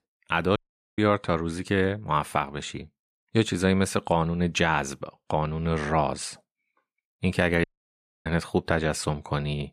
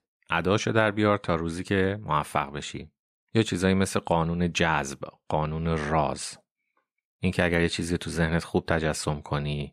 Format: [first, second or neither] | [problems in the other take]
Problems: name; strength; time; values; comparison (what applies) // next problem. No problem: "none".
second | audio cutting out; at 0.5 s and at 7.5 s for 0.5 s